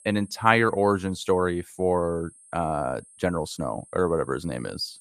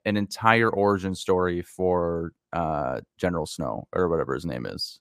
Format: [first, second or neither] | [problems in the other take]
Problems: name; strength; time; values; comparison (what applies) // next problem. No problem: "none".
second | high-pitched whine; faint; throughout; 8.5 kHz, 25 dB below the speech